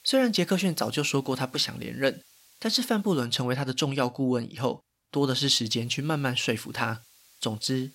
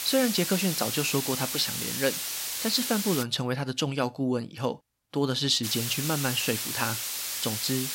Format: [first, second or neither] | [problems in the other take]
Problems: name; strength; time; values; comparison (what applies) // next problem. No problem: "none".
first | hiss; loud; until 3 s and from 5.5 s on; 2 dB below the speech; faint in the first